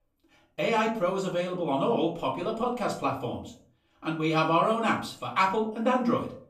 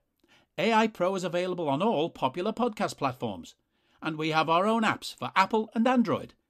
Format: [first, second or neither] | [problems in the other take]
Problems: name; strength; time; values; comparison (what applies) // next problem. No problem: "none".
second | off-mic speech; far // room echo; slight; dies away in 0.4 s